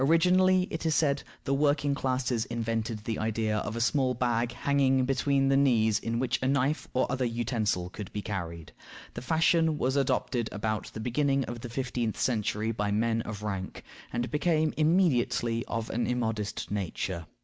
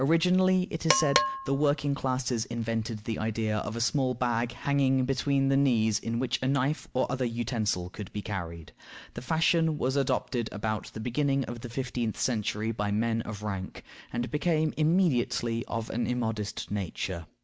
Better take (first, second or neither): first